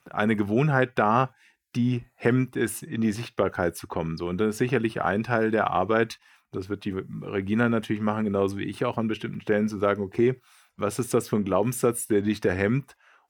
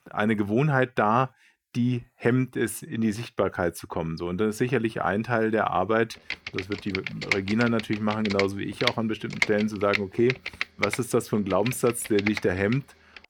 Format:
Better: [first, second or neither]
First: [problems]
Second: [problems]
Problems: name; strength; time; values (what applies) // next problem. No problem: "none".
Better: first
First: none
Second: keyboard typing; noticeable; from 6.5 to 13 s; peak 1 dB below the speech